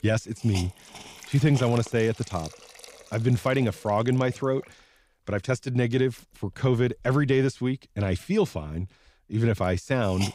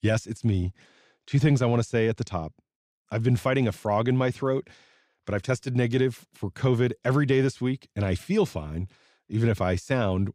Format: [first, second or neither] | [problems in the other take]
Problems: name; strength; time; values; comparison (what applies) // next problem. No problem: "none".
second | hiss; noticeable; throughout; 15 dB below the speech